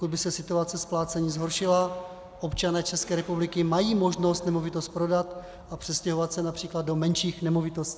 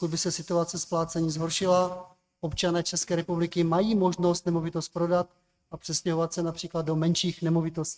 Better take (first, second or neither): first